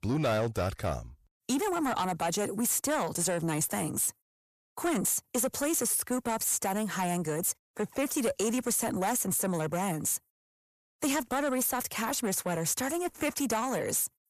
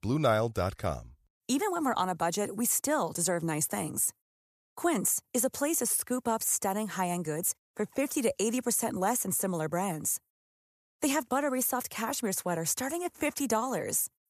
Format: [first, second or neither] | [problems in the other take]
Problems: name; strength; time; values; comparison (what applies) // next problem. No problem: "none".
second | distortion; slight; 10 dB below the speech